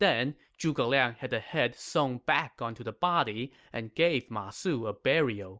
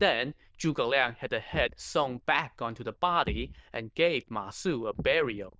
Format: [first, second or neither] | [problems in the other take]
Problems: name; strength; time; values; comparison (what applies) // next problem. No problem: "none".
first | noise reduction (neural diffusion model UNIVERSE++)